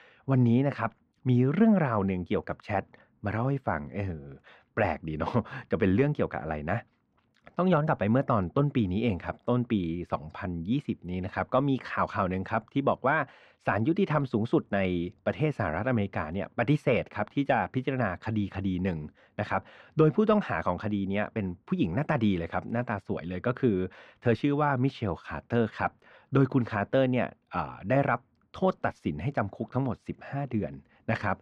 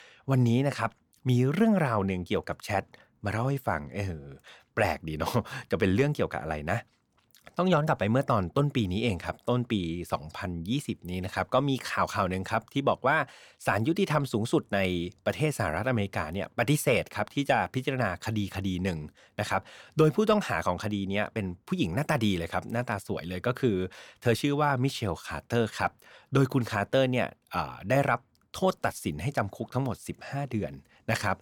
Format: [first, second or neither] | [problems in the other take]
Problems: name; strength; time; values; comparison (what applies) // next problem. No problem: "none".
second | muffled; slightly; fading above 2.5 kHz